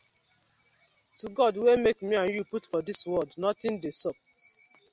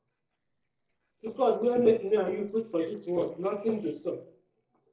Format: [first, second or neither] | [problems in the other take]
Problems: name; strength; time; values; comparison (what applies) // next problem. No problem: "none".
first | noise reduction (neural separator model SepFormer DNS4)